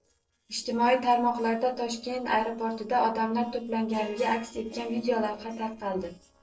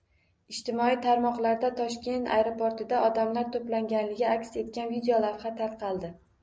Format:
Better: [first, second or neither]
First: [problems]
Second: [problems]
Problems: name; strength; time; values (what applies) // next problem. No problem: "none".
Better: second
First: noise reduction (neural separator model SepFormer DNS4)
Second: none